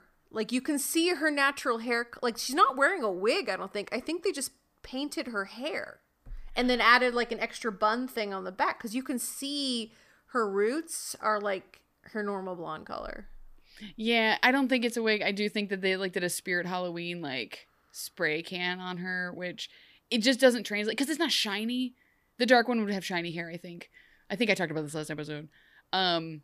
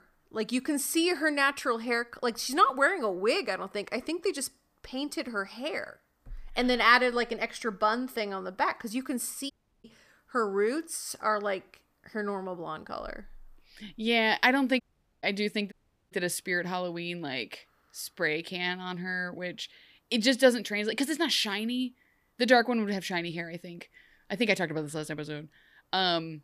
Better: first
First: none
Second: audio cutting out; at 9.5 s, at 15 s and at 16 s

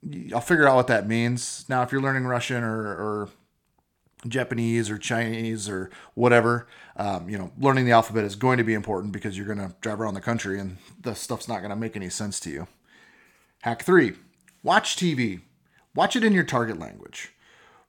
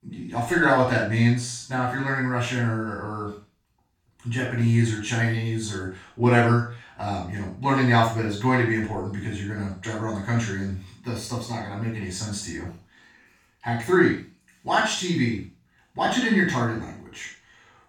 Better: first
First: none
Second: room echo; noticeable; dies away in 0.3 s // off-mic speech; far

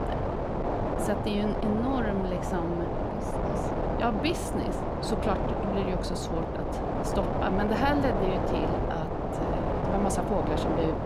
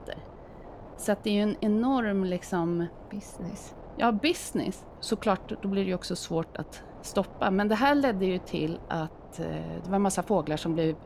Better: second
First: wind noise on the microphone; heavy; 2 dB above the speech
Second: wind noise on the microphone; occasional gusts; 20 dB below the speech

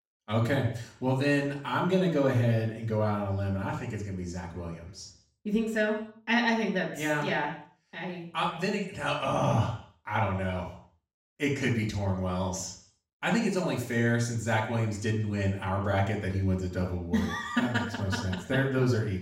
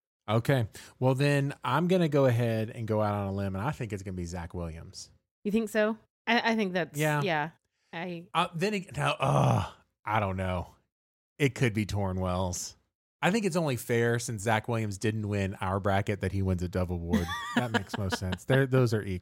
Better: second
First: room echo; noticeable; dies away in 0.6 s // off-mic speech; far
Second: none

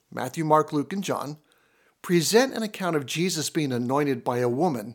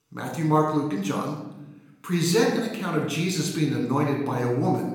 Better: first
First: none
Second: off-mic speech; somewhat distant // room echo; noticeable; dies away in 0.9 s

